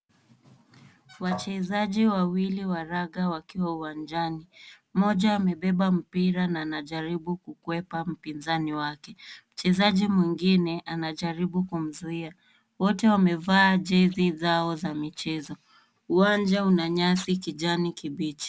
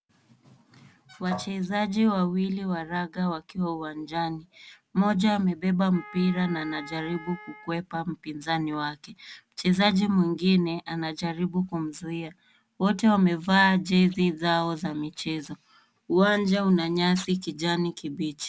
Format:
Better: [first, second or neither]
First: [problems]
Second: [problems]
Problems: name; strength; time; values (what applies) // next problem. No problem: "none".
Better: first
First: none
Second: background sound (Wind instrument, woodwind instrument); 17 dB below the speech